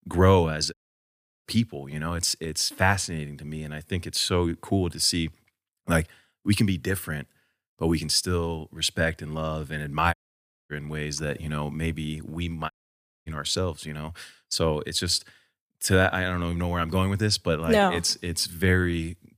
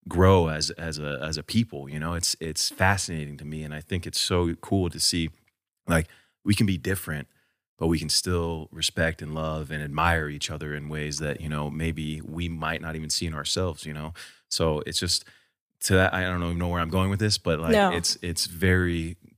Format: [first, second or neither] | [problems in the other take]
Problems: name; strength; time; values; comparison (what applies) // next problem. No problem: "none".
second | audio cutting out; at 0.5 s for 0.5 s, at 10 s for 0.5 s and at 13 s for 0.5 s